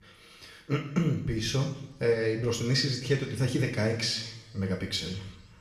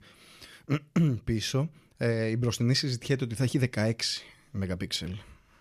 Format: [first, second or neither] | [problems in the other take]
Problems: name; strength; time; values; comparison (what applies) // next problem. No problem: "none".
second | room echo; slight; dies away in 0.8 s // off-mic speech; somewhat distant